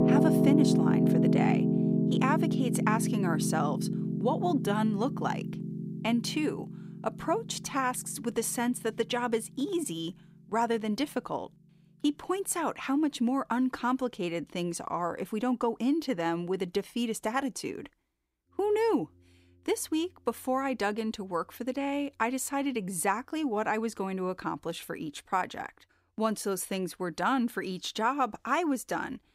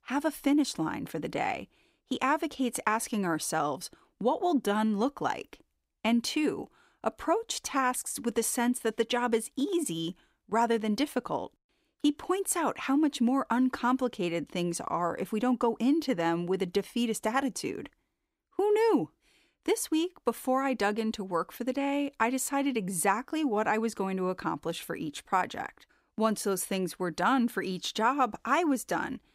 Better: second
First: background music; very loud; throughout; 2 dB above the speech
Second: none

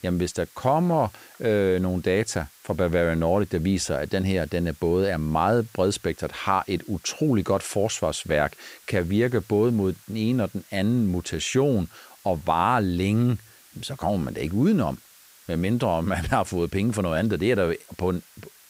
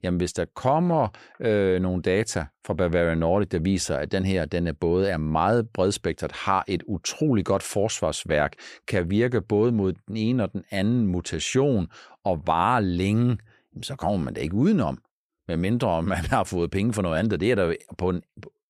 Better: second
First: hiss; faint; throughout; 25 dB below the speech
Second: none

